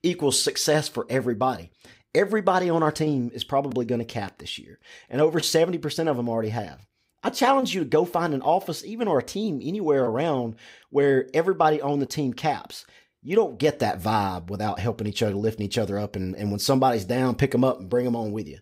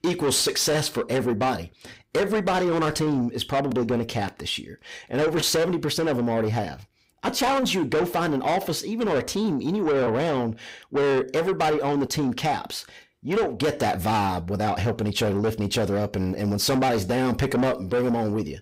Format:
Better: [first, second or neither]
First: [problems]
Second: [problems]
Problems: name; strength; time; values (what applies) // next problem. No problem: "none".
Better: first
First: none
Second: distortion; heavy; 7 dB below the speech